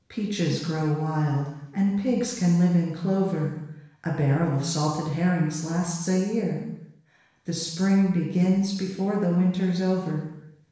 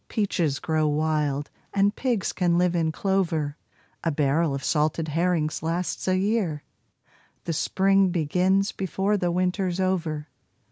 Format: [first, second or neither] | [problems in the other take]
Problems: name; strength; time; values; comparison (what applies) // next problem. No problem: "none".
second | room echo; dies away in 0.9 s